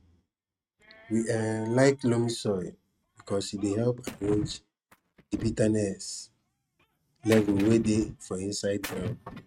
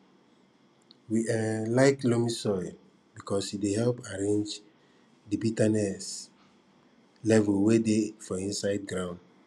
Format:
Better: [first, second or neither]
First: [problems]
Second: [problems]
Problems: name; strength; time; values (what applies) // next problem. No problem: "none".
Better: second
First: noise reduction (neural mask model RNNoise)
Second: none